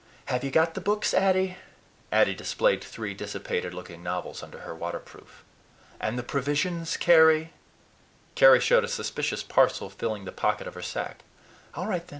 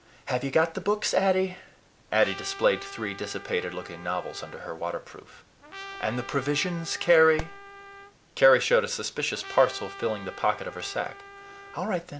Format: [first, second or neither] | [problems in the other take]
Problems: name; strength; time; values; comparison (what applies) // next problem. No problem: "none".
first | background sound (Fireworks + Trumpet); 15 dB below the speech